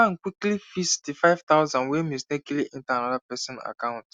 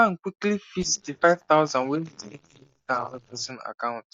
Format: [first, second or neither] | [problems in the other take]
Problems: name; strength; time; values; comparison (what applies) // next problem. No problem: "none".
first | noise reduction (neural mask model DeepFilterNet 3)